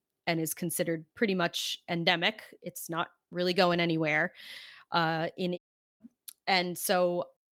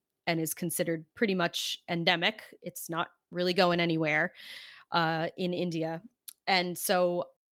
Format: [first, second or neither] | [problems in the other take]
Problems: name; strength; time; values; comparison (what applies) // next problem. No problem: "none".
second | audio cutting out; at 5.5 s